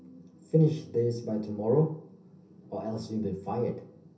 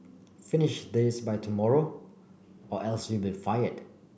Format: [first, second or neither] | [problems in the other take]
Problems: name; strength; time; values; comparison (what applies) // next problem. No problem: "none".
second | room echo; dies away in 0.3 s